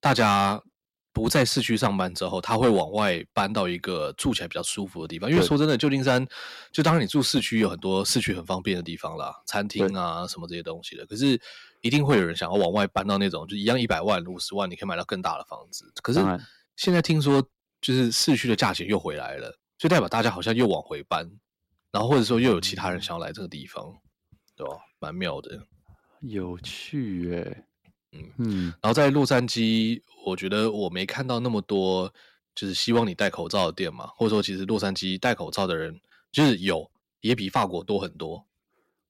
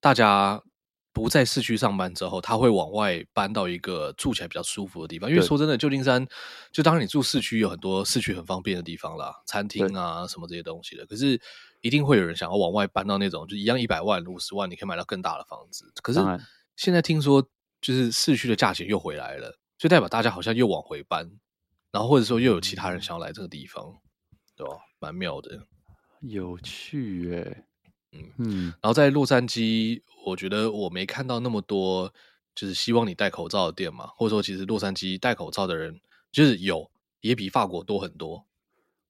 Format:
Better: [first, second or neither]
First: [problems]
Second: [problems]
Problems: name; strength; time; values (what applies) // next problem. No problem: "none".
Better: second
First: distortion; slight; 2% of the sound clipped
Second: none